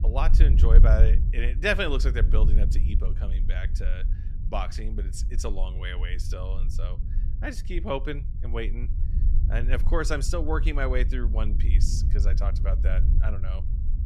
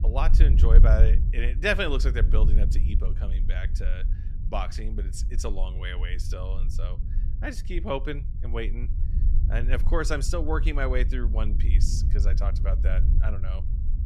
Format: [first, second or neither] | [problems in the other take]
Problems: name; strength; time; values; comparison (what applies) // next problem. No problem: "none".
neither | low rumble; noticeable; throughout; 15 dB below the speech; the same in both